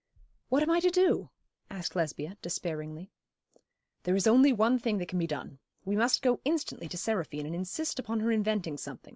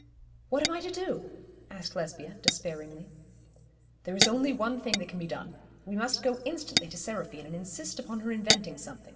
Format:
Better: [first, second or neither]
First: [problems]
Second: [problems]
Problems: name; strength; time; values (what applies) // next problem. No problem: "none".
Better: first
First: none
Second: background sound (Tap / Glass); 1 dB below the speech // room echo; dies away in 1.7 s